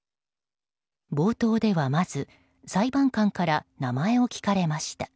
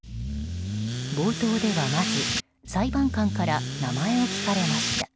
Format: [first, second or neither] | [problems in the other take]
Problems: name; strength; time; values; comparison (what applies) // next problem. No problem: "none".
first | background sound (Accelerating, revving, vroom / Car); 2 dB below the speech